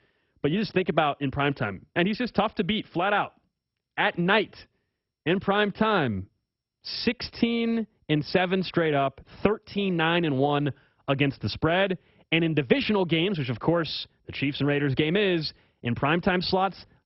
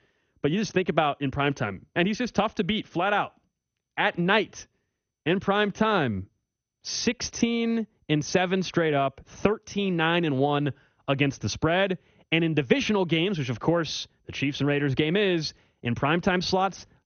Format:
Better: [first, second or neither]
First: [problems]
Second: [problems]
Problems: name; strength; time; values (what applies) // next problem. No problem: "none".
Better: second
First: garbled, watery; badly; nothing above 5.5 kHz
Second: garbled, watery; slightly; nothing above 6.5 kHz